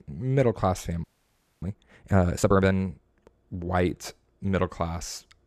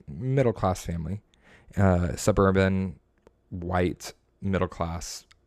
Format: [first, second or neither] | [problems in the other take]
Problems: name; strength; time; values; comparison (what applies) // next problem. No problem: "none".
second | audio freezing; at 1 s for 0.5 s